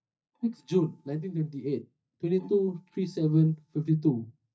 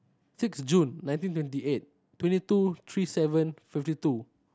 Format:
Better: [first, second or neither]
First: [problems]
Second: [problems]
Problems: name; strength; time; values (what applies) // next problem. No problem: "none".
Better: second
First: noise reduction (neural mask model DeepFilterNet 3)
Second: none